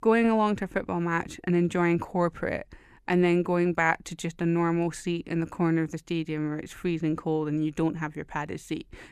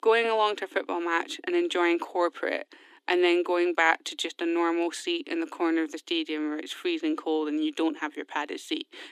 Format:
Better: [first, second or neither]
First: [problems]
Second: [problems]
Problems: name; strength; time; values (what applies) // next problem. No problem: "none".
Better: first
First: none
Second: thin; very; fading below 250 Hz